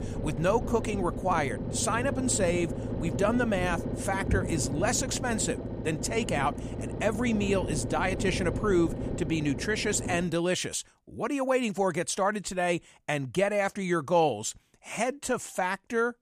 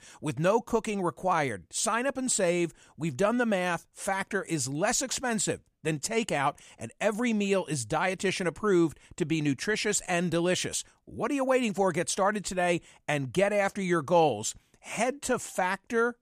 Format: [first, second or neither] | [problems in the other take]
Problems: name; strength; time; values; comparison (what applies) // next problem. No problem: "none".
second | low rumble; loud; until 10 s; 10 dB below the speech